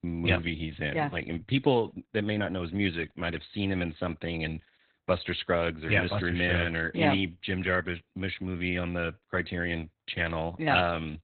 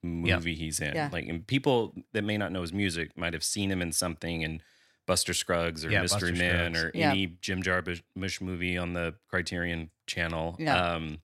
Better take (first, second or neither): second